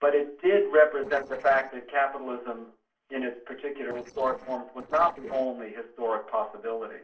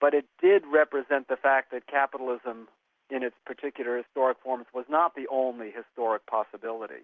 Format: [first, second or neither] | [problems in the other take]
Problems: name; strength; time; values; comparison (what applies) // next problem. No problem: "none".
second | noise reduction (neural separator model SepFormer DNS4)